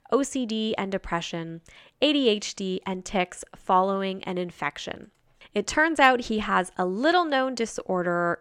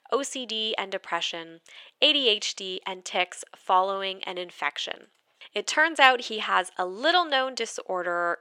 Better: first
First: none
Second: thin; somewhat; fading below 450 Hz

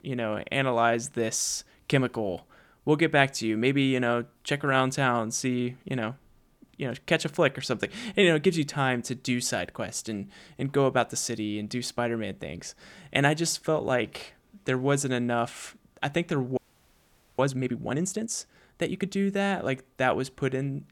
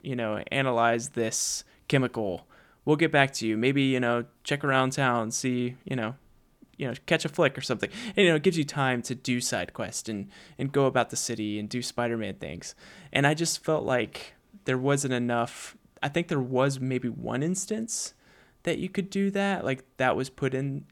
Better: second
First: audio freezing; at 17 s for 1 s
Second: none

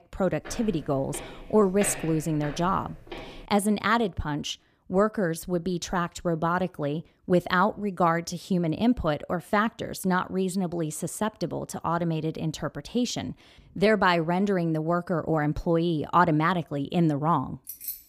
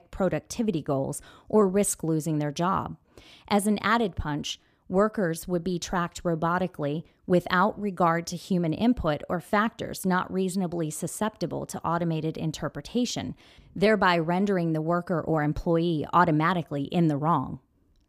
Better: second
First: footsteps; noticeable; until 3.5 s; peak 8 dB below the speech // jangling keys; noticeable; at 18 s; peak 9 dB below the speech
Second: none

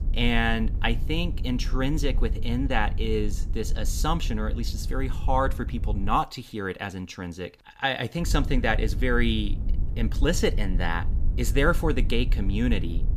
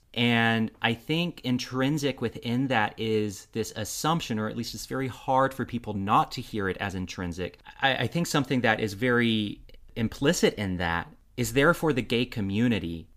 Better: second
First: low rumble; noticeable; until 6 s and from 8 s on; 20 dB below the speech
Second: none

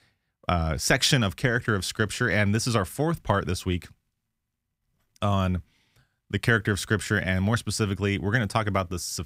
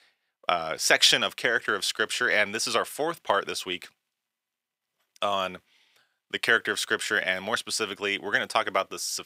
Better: first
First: none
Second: thin; very; fading below 500 Hz

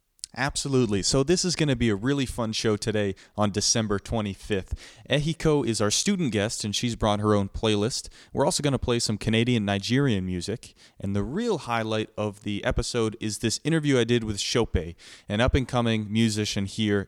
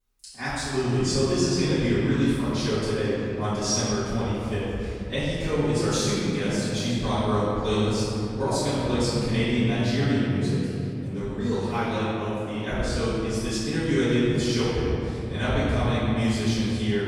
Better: first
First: none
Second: off-mic speech; far // room echo; strong; dies away in 3 s

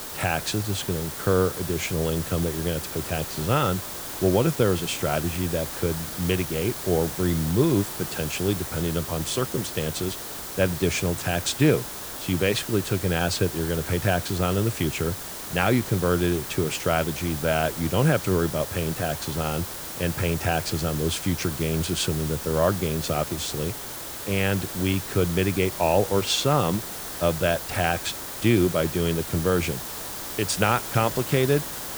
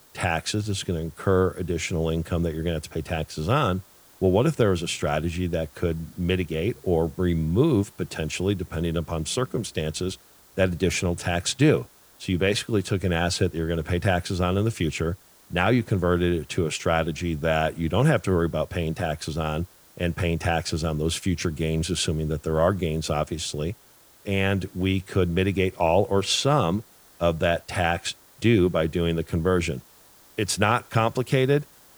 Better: second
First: hiss; loud; throughout; 7 dB below the speech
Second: hiss; faint; throughout; 25 dB below the speech

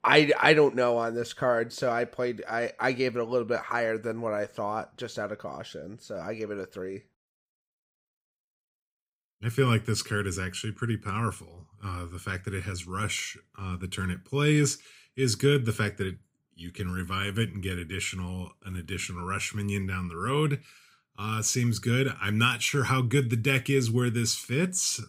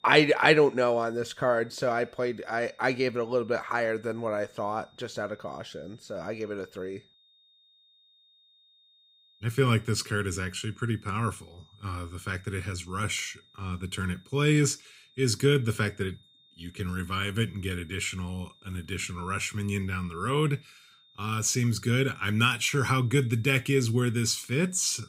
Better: first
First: none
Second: high-pitched whine; faint; throughout; 3.5 kHz, 30 dB below the speech

